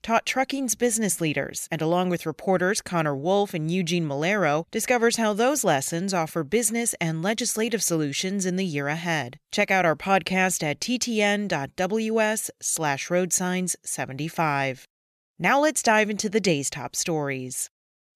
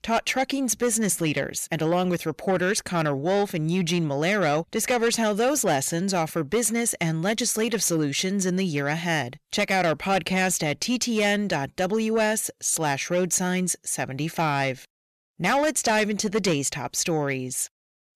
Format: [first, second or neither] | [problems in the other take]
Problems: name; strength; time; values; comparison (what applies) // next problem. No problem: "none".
first | distortion; slight; 10 dB below the speech